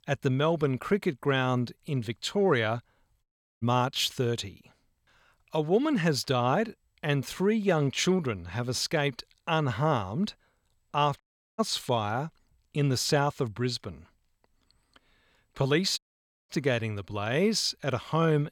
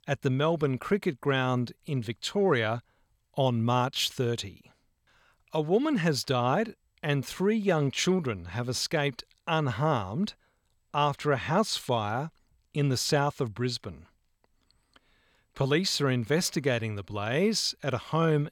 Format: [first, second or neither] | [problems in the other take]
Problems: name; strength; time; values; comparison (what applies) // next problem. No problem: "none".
second | audio cutting out; at 3 s, at 11 s and at 16 s for 0.5 s